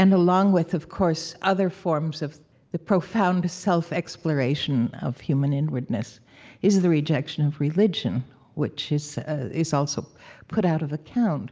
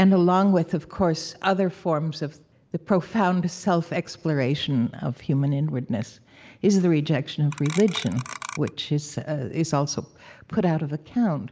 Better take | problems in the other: first | background sound (Clock); 13 dB below the speech

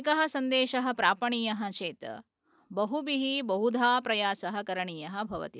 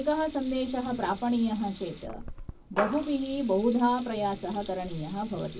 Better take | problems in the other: first | background sound (Water tap, faucet / Liquid); 12 dB below the speech // room echo; dies away in 0.4 s

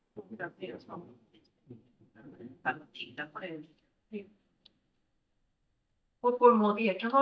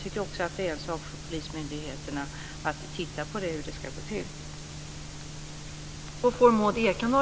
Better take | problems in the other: second | noise reduction (neural mask model DeepFilterNet 3)

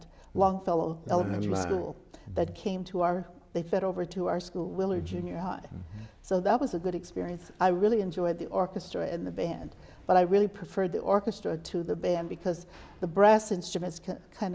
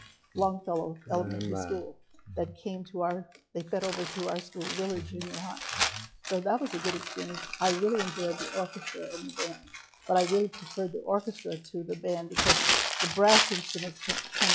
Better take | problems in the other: first | noise reduction (classical method log-MMSE)

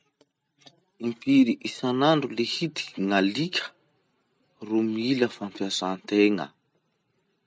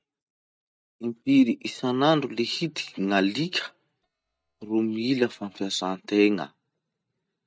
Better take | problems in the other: first | noise reduction (neural mask model DeepFilterNet 3)

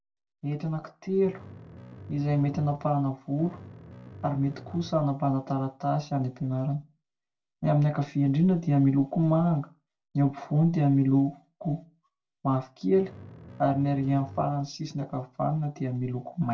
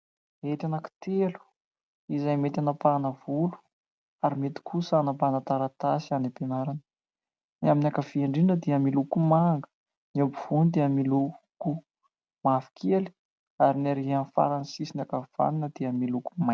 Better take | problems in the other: second | background sound (Bass guitar); 18 dB below the speech // room echo; dies away in 0.1 s

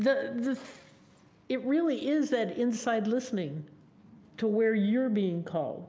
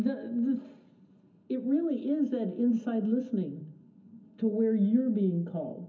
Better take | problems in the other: first | room echo; dies away in 0.4 s

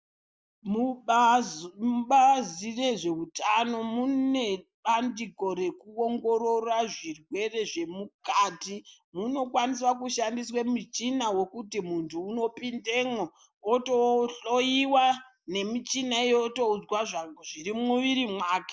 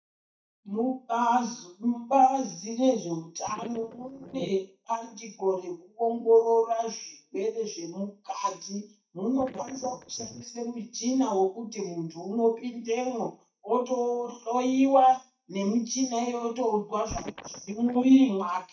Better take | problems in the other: first | noise reduction (neural mask model DeepFilterNet 3)

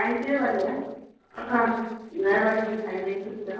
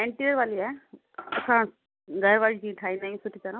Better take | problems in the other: second | noise reduction (neural separator model SepFormer DNS4)

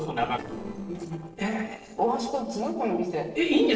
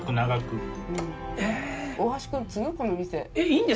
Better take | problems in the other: second | noise reduction (neural separator model SepFormer DNS4)

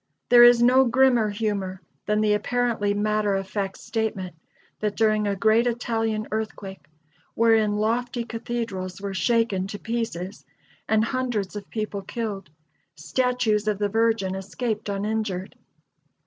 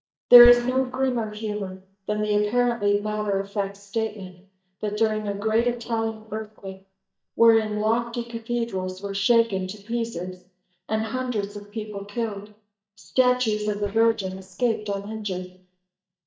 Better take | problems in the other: first | noise reduction (neural mask model DeepFilterNet 3)

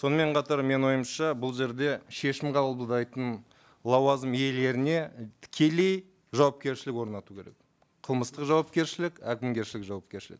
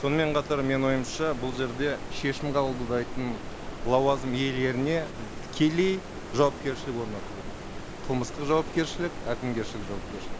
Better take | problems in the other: first | background sound (Stream); 7 dB below the speech

